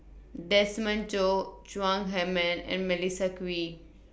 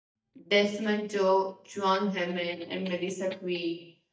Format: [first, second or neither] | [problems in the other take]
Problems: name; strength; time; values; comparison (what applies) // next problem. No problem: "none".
first | noise reduction (neural mask model DeepFilterNet 3)